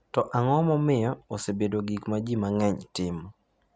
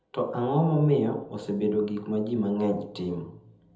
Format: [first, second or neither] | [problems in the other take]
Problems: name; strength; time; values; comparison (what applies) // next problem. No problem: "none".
first | room echo; dies away in 0.8 s